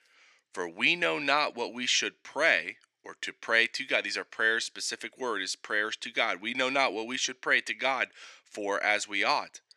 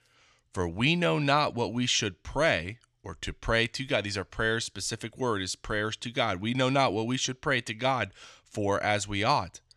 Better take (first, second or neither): second